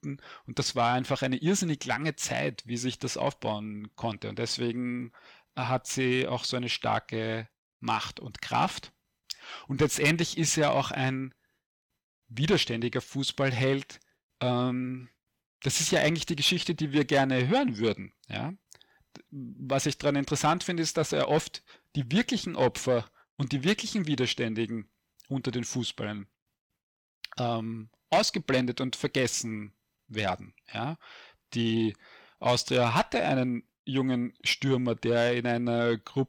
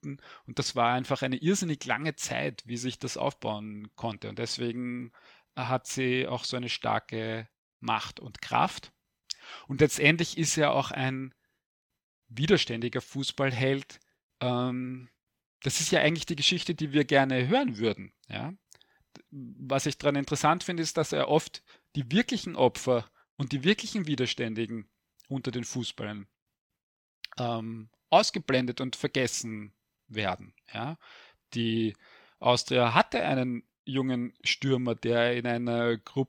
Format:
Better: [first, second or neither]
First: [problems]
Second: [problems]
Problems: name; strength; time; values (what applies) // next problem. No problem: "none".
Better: second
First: distortion; slight; 10 dB below the speech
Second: none